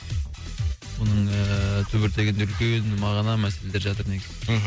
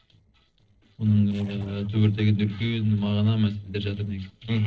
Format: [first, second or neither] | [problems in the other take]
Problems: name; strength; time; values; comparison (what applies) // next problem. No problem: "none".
first | noise reduction (neural separator model SepFormer DNS4)